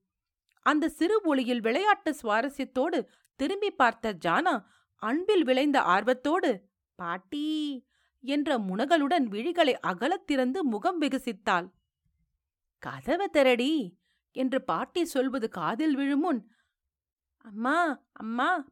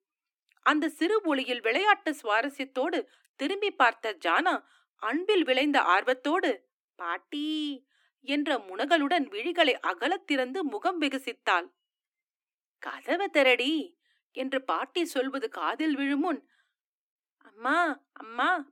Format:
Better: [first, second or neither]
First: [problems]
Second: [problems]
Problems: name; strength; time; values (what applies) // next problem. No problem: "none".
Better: first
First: none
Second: thin; very slightly; fading below 300 Hz